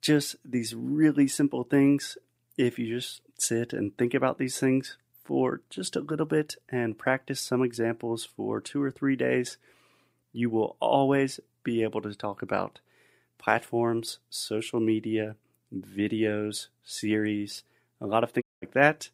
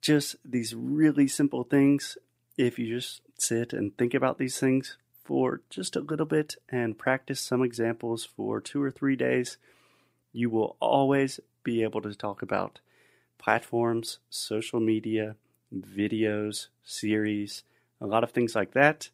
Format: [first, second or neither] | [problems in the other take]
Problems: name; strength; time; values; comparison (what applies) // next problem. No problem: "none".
second | audio cutting out; at 18 s